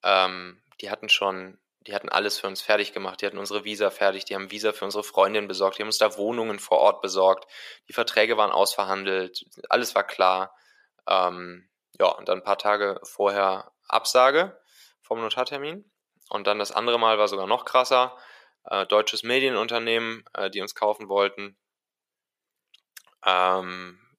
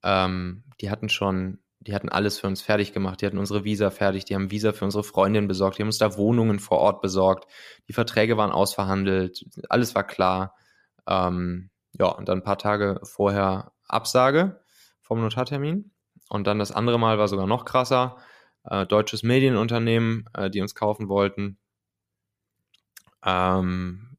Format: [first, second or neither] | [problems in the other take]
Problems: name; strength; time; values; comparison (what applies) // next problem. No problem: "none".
second | thin; very; fading below 550 Hz